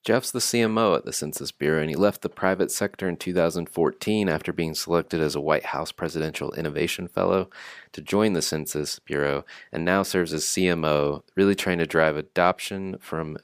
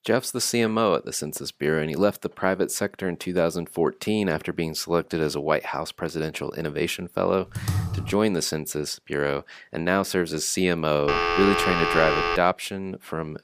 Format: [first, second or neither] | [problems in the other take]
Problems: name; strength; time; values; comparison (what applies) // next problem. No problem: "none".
first | keyboard typing; noticeable; at 7.5 s; peak 2 dB below the speech // phone ringing; loud; from 11 to 12 s; peak 3 dB above the speech